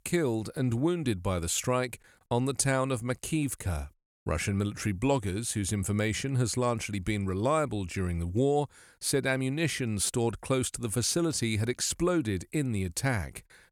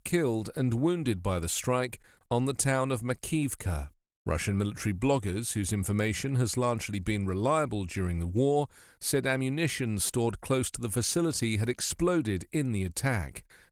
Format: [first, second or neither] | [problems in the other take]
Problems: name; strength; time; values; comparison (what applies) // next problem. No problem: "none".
first | garbled, watery; slightly; nothing above 19 kHz